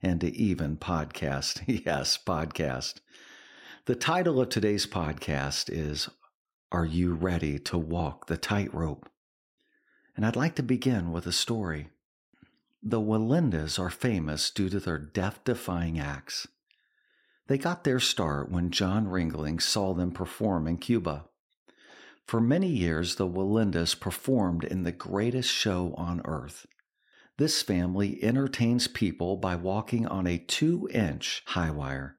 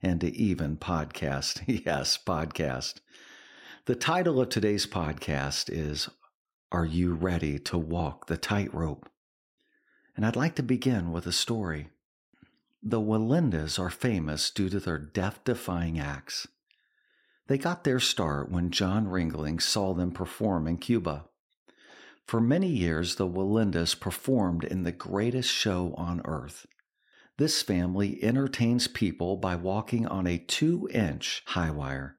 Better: neither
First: none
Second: none

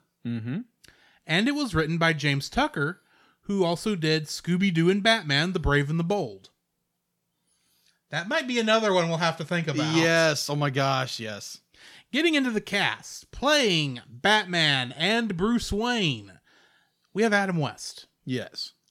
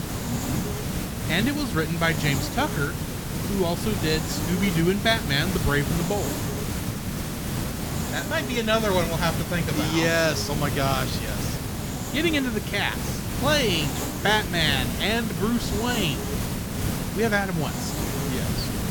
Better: first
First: none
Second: hiss; loud; throughout; 3 dB below the speech

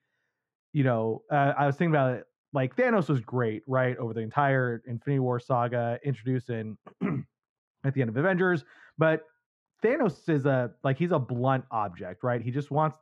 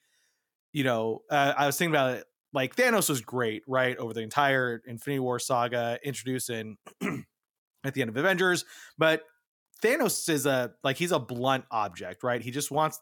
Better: second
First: muffled; very; fading above 1.5 kHz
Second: none

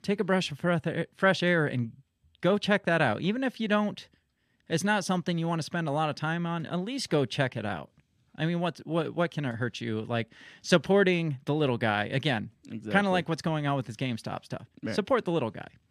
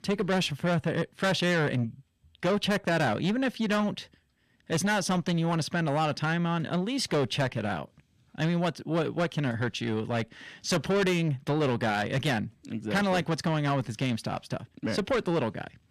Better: first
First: none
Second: distortion; heavy; 8 dB below the speech

